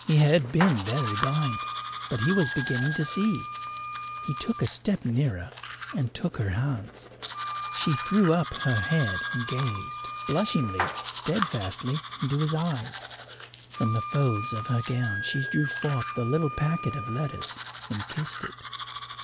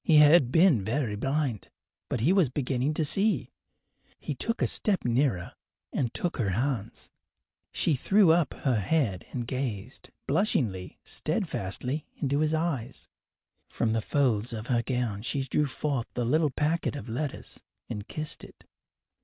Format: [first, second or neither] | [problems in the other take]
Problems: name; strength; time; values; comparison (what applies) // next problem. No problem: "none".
second | background sound (Domestic sounds, home sounds + Wind instrument, woodwind instrument); 7 dB below the speech